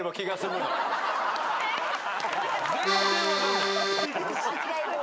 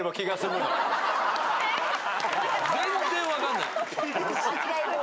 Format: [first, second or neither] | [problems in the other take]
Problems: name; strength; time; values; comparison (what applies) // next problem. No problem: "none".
second | background sound (Accordion); 2 dB above the speech